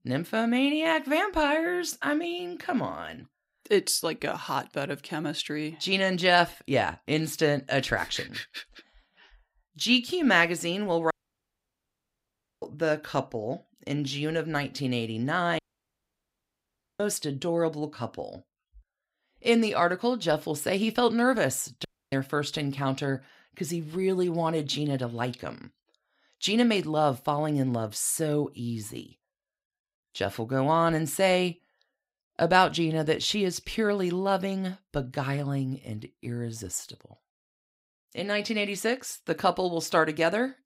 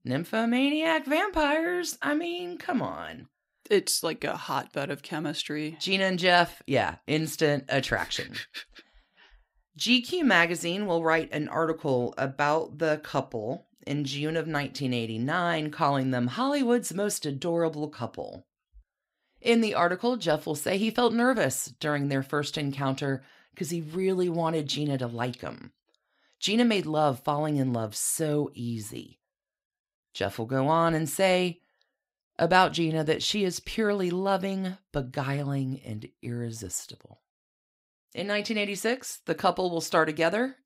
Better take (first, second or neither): second